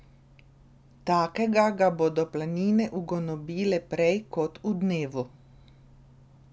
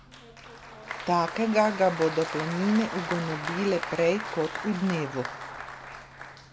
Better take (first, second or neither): first